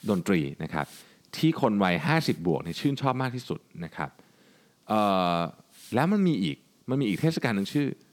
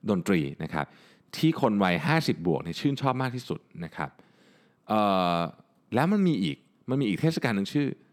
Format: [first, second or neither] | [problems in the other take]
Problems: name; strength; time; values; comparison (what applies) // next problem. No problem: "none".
second | hiss; faint; throughout; 25 dB below the speech